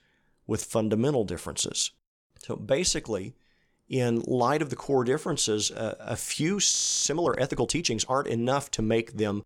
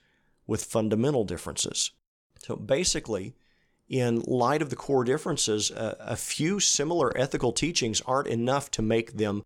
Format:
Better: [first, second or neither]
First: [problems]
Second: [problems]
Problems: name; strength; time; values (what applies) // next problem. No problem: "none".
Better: second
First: audio freezing; at 6.5 s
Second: none